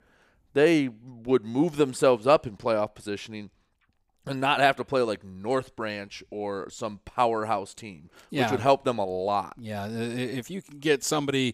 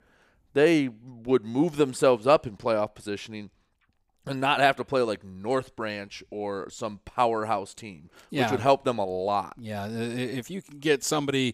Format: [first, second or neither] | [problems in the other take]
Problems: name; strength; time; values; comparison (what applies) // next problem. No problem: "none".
neither | none